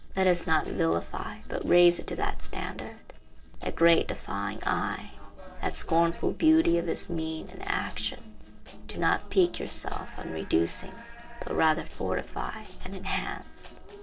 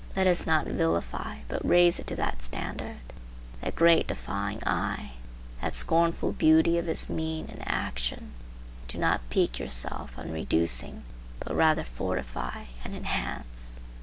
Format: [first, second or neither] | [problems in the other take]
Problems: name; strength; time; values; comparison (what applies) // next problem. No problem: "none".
second | noise reduction (neural separator model SepFormer DNS4)